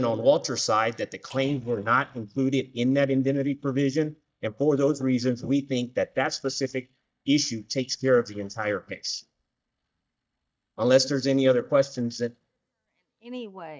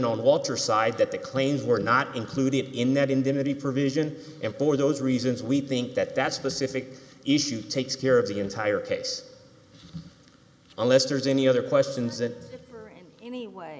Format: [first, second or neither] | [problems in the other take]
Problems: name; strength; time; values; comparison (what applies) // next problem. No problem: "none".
second | noise reduction (neural mask model DeepFilterNet 3)